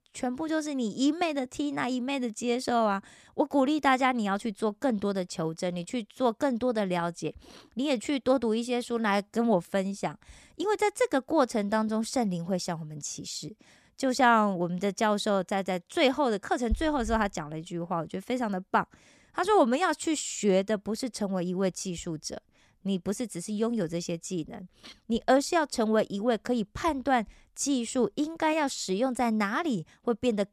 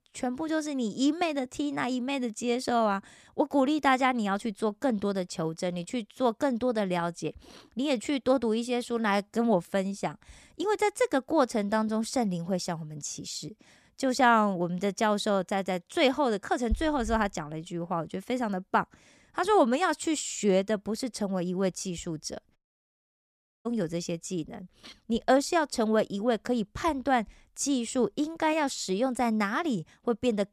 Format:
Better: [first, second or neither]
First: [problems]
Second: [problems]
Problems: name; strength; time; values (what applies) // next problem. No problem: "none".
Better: first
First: none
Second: audio cutting out; at 23 s for 1 s